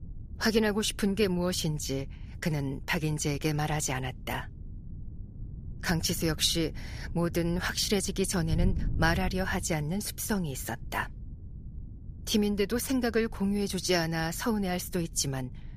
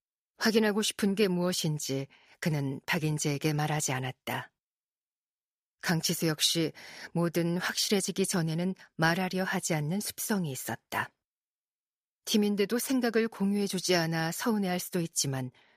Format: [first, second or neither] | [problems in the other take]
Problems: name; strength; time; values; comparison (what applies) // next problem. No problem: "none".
second | wind noise on the microphone; occasional gusts; 25 dB below the speech